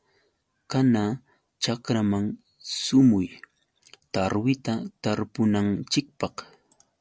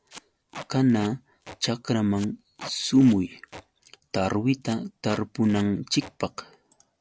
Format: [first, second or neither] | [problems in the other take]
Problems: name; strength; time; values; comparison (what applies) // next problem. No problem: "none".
first | background sound (Packing tape, duct tape); 19 dB below the speech